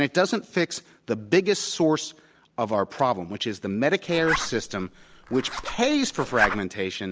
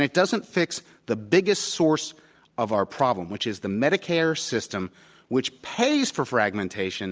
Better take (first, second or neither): second